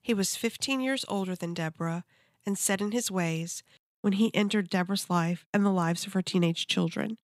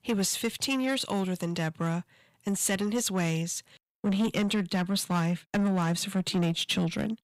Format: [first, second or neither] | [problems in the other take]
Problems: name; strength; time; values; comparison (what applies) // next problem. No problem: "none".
first | distortion; slight; 10 dB below the speech